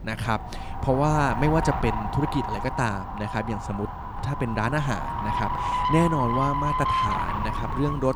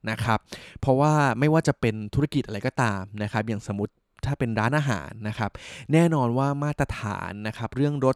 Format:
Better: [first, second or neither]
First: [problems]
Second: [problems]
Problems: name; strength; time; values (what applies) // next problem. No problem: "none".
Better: second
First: wind noise on the microphone; heavy; 1 dB above the speech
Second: none